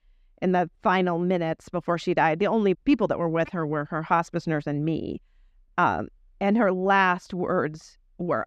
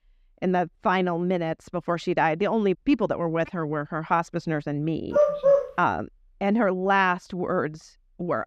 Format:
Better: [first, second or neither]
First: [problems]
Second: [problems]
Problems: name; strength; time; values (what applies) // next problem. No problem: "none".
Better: first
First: none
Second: dog barking; loud; at 5 s; peak 6 dB above the speech